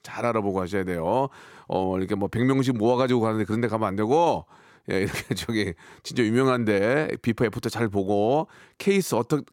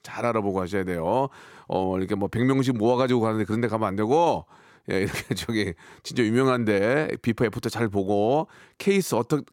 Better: neither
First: none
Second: none

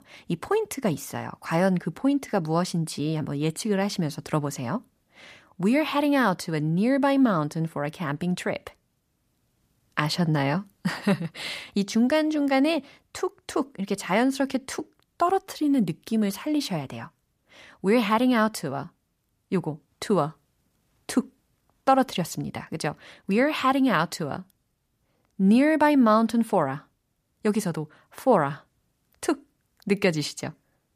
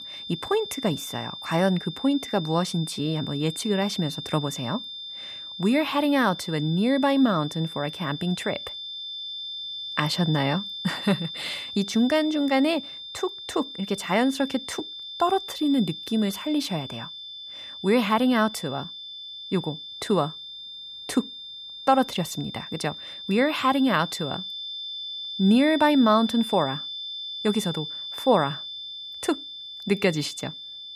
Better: first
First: none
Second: high-pitched whine; loud; throughout; 3.5 kHz, 9 dB below the speech

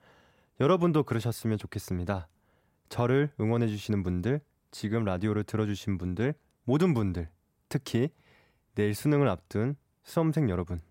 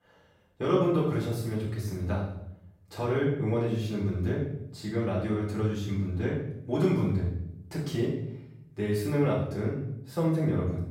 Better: first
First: none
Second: off-mic speech; far // room echo; noticeable; dies away in 0.7 s

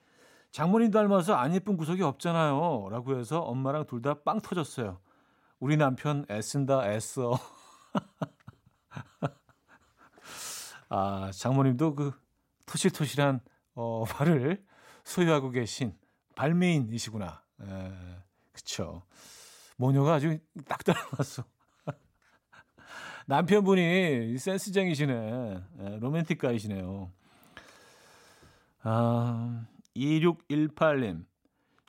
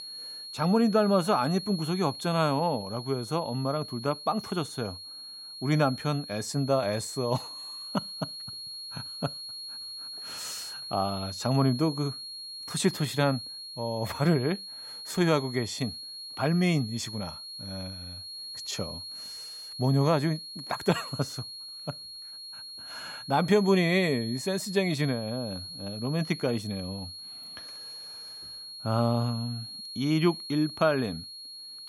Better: first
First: none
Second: high-pitched whine; loud; throughout; 4.5 kHz, 10 dB below the speech

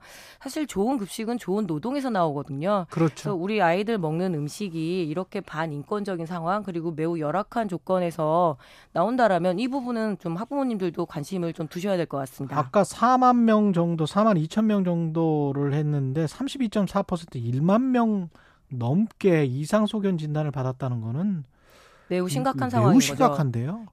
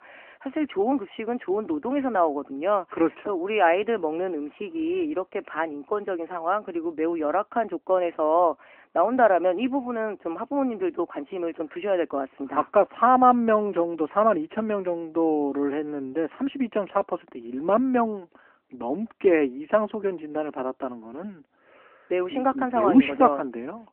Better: first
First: none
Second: phone-call audio

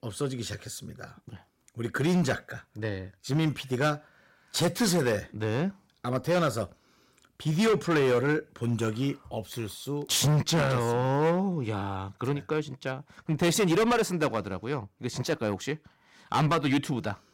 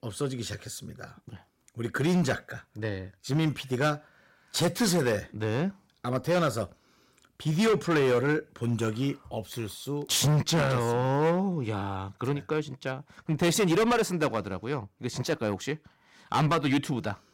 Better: neither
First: distortion; heavy; 7% of the sound clipped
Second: distortion; heavy; 7% of the sound clipped

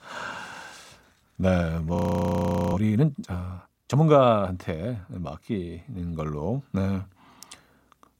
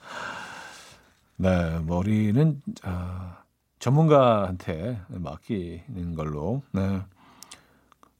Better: second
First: audio freezing; at 2 s for 1 s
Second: none

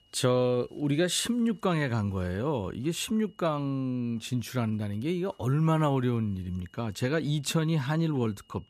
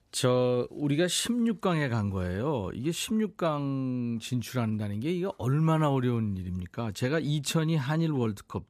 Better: second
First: high-pitched whine; faint; throughout; 3 kHz, 35 dB below the speech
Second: none

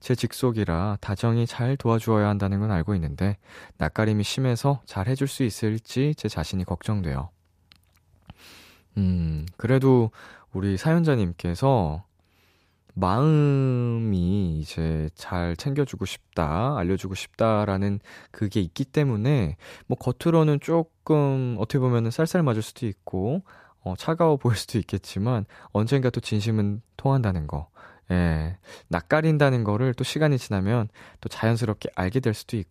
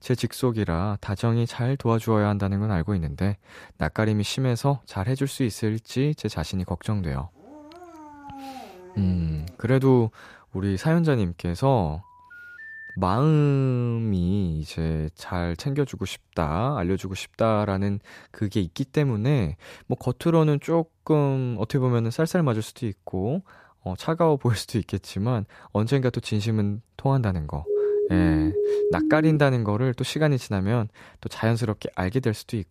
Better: first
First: none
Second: dog barking; faint; from 7.5 to 9.5 s; peak 15 dB below the speech // phone ringing; faint; at 12 s; peak 15 dB below the speech // siren; loud; from 28 to 29 s; peak 2 dB above the speech

